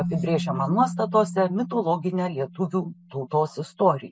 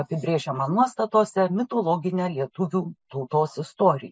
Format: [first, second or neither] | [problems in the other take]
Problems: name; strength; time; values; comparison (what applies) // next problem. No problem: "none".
second | background sound (Keyboard (musical)); 9 dB below the speech